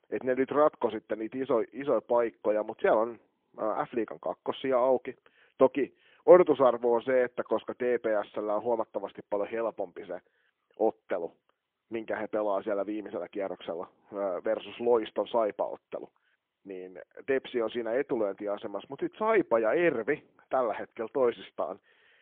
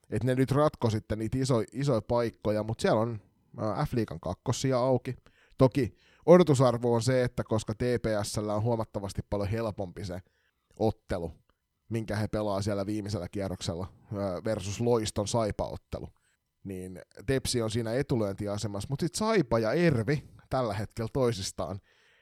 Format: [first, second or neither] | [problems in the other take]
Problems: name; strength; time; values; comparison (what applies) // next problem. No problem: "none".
second | phone-call audio; poor line; nothing above 3.5 kHz